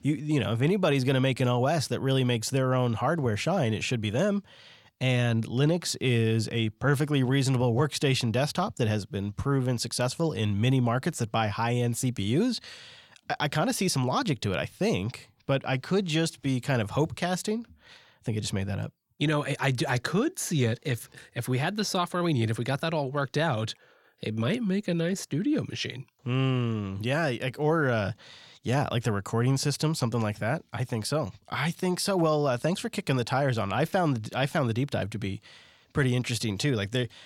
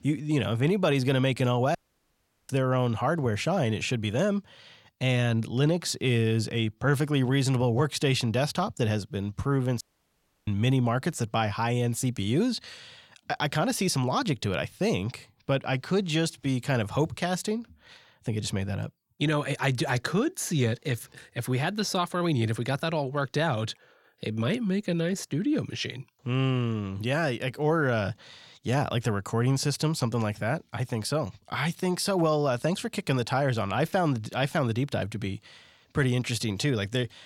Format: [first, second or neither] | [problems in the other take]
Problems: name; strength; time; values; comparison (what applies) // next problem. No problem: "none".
first | audio cutting out; at 2 s for 0.5 s and at 10 s for 0.5 s